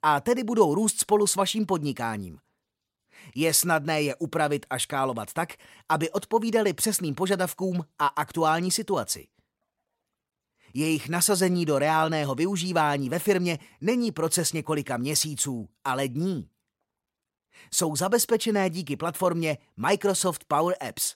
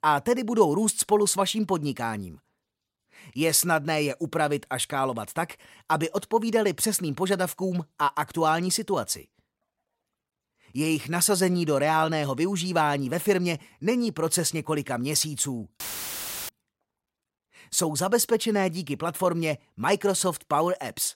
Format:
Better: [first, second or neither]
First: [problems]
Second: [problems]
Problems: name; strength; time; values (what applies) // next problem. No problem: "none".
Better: first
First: none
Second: audio cutting out; filled with static; at 16 s for 0.5 s